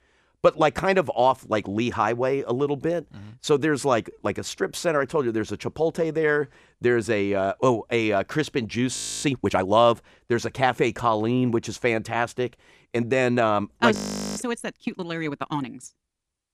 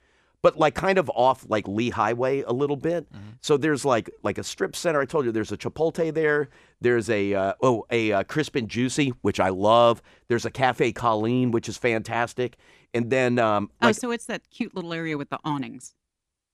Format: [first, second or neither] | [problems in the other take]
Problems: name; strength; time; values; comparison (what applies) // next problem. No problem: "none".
second | audio freezing; at 9 s and at 14 s